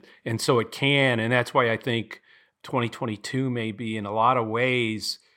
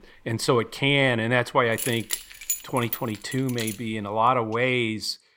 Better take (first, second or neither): first